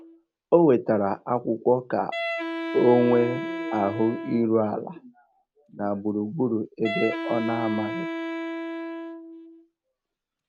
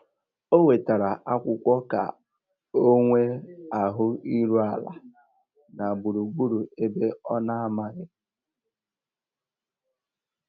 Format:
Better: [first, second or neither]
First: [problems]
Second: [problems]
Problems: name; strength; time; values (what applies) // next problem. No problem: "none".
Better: second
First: background sound (Wind instrument, woodwind instrument); 8 dB below the speech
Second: none